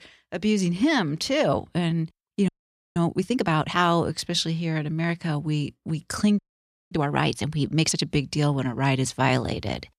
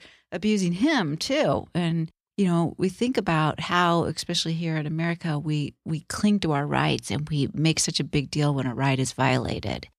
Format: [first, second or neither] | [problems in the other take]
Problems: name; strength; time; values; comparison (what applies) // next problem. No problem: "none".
second | audio freezing; at 2.5 s and at 6.5 s for 0.5 s